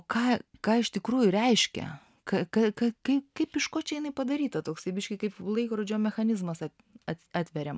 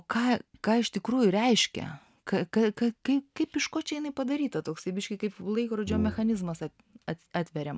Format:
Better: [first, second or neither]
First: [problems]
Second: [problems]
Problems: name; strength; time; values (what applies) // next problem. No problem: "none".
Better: first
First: none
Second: background sound (Brass instrument); 8 dB below the speech